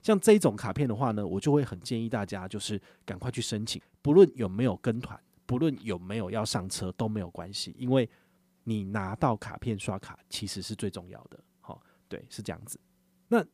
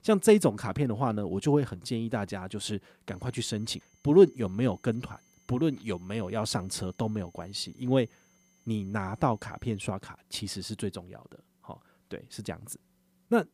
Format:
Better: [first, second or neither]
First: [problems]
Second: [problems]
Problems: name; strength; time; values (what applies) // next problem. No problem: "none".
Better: first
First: none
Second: high-pitched whine; faint; from 3 to 10 s; 6.5 kHz, 35 dB below the speech